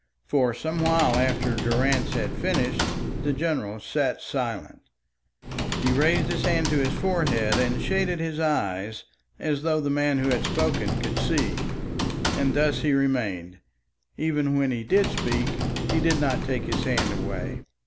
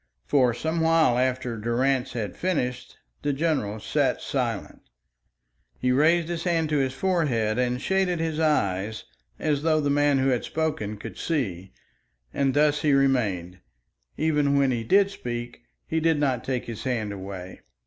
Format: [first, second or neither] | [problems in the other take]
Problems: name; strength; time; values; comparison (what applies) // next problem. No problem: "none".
second | background sound (Computer keyboard); 3 dB below the speech